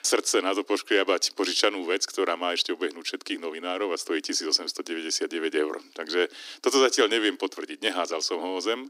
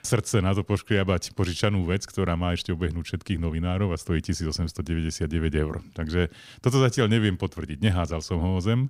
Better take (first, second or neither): second